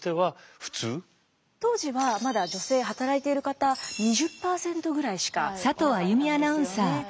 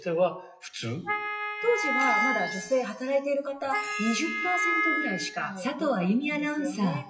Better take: first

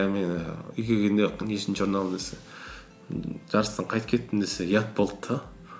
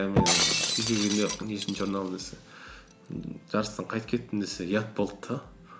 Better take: first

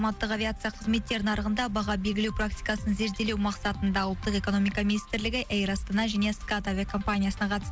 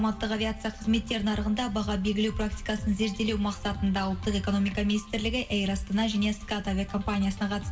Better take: first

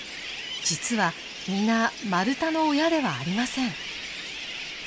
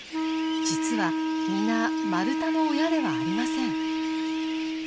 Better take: first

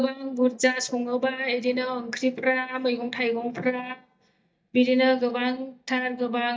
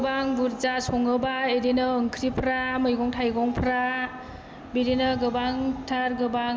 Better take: second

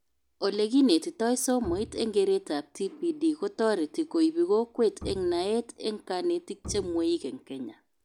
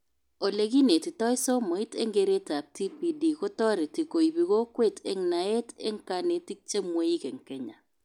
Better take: second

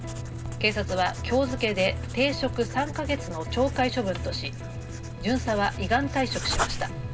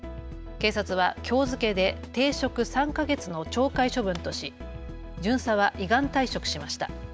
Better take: second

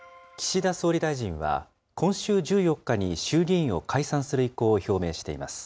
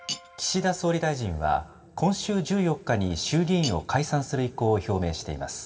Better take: first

